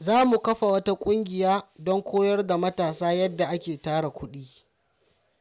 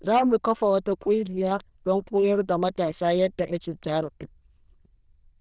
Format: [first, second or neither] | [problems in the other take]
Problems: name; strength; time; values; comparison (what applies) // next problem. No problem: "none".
first | noise reduction (neural diffusion model UNIVERSE++)